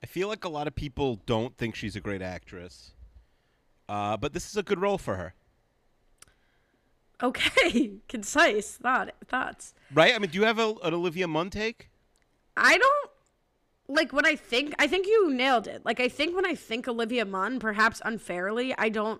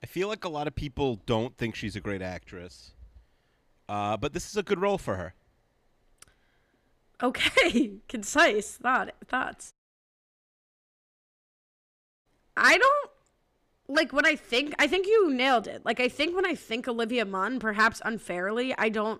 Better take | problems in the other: first | audio cutting out; at 9.5 s for 2.5 s

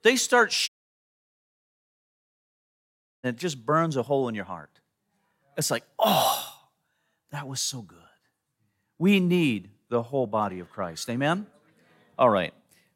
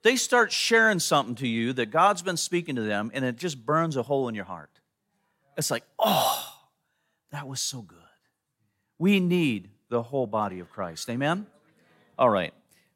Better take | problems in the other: second | audio cutting out; at 0.5 s for 2.5 s

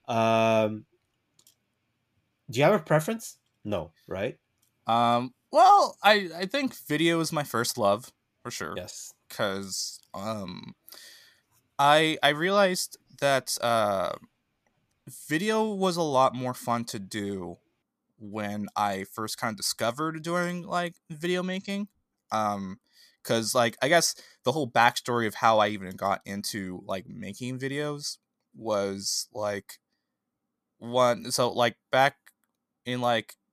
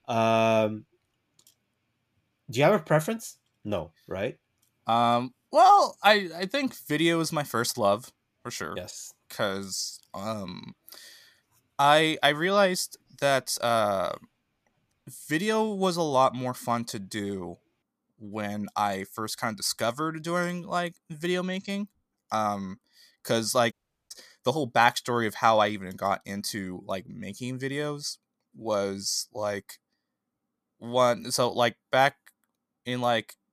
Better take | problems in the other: first | audio cutting out; at 24 s

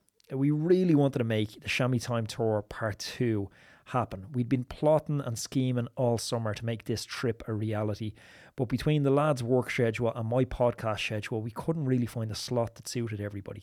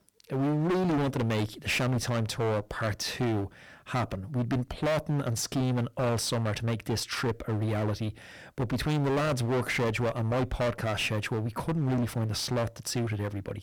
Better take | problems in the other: first | distortion; heavy; 24% of the sound clipped

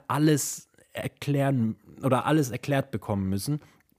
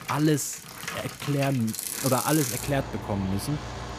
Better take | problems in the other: first | traffic noise; loud; throughout; 5 dB below the speech

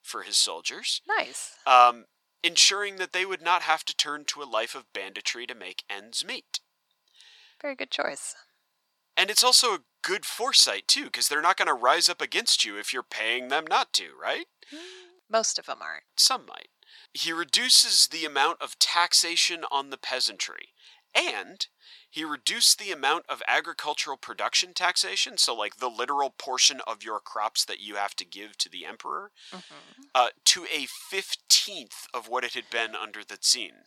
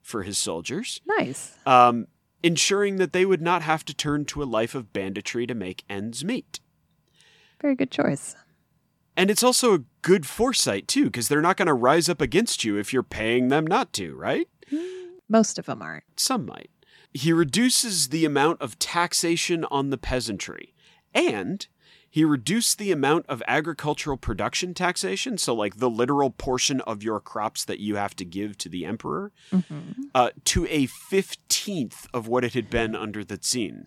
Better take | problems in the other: second | thin; very; fading below 850 Hz

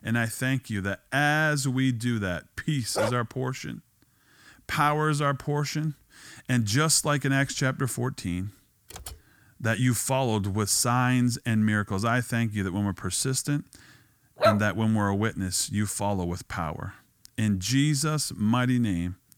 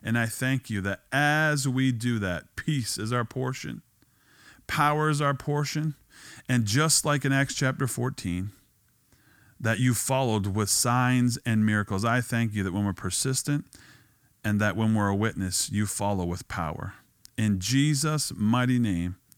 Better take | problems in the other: second | dog barking; noticeable; at 3 s; peak 4 dB below the speech // keyboard typing; faint; at 9 s; peak 15 dB below the speech // dog barking; loud; at 14 s; peak 2 dB above the speech

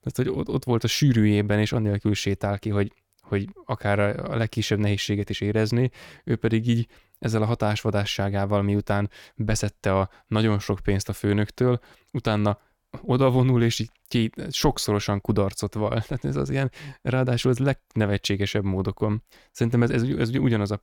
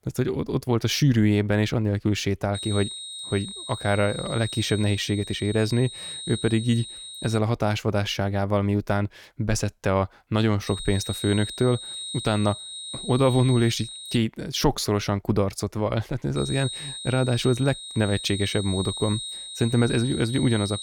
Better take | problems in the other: first | high-pitched whine; loud; from 2.5 to 7.5 s, from 11 to 14 s and from 16 s on; 4 kHz, 9 dB below the speech

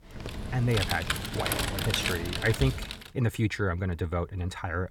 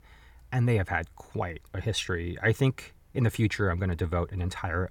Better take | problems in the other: second | keyboard typing; loud; until 3 s; peak 2 dB above the speech

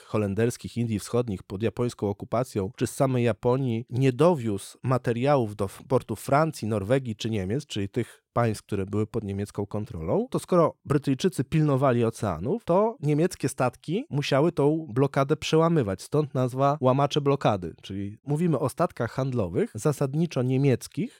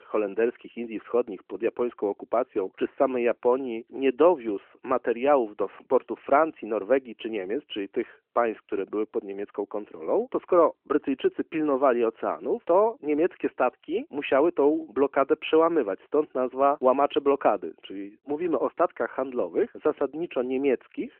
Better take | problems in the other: first | phone-call audio; nothing above 3 kHz

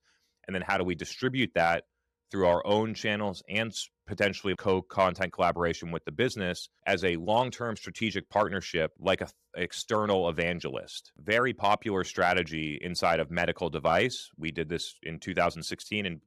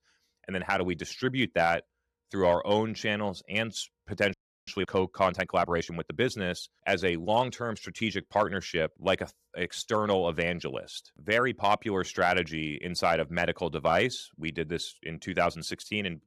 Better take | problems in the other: first | audio freezing; at 4.5 s

